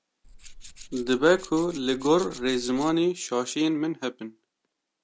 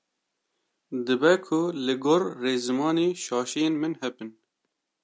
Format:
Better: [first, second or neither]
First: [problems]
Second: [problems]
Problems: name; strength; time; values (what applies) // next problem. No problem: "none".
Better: second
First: background sound (Tools); 17 dB below the speech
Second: none